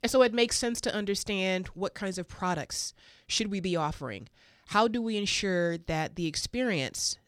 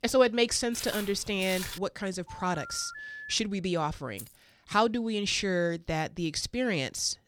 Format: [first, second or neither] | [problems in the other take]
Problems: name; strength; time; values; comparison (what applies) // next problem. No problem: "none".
first | footsteps; noticeable; from 0.5 to 2 s; peak 7 dB below the speech // phone ringing; faint; from 2.5 to 3.5 s; peak 10 dB below the speech // jangling keys; faint; at 4 s; peak 15 dB below the speech